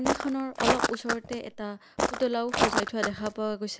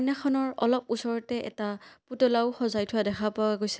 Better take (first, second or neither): second